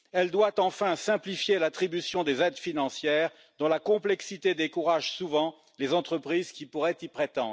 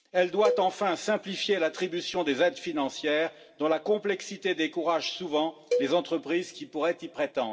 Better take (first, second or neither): first